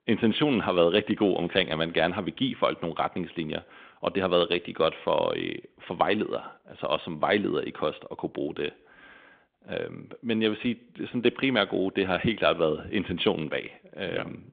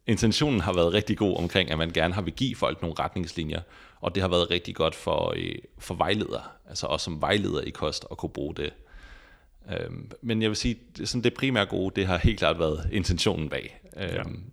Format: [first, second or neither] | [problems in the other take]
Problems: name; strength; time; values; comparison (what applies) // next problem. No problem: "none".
second | phone-call audio